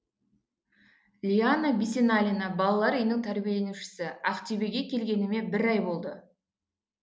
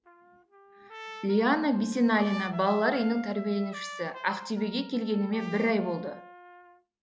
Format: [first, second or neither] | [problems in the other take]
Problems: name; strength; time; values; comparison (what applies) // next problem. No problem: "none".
first | background sound (Trumpet); 15 dB below the speech